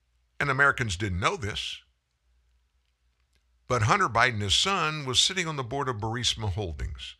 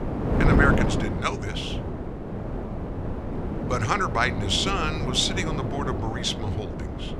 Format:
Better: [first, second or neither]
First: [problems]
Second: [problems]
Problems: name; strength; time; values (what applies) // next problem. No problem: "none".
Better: first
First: none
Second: wind noise on the microphone; heavy; 7 dB below the speech